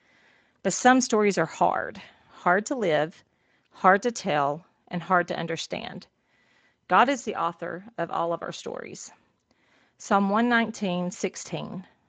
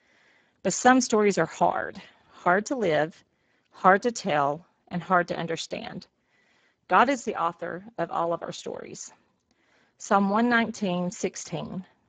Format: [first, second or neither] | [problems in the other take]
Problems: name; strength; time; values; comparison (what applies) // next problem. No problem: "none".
first | garbled, watery; badly; nothing above 7.5 kHz; slightly in the first